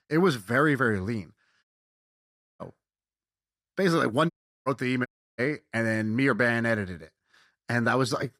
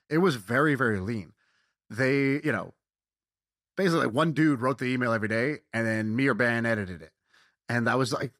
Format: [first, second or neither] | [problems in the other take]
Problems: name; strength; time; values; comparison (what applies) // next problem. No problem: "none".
second | audio cutting out; at 1.5 s for 1 s, at 4.5 s and at 5 s